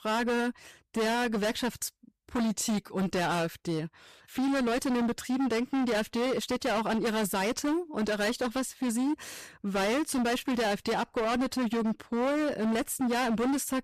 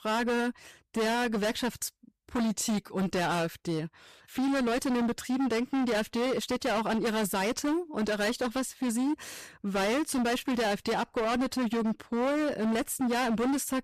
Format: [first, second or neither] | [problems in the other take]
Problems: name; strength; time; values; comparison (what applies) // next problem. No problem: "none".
neither | distortion; heavy; 28% of the sound clipped; the same in both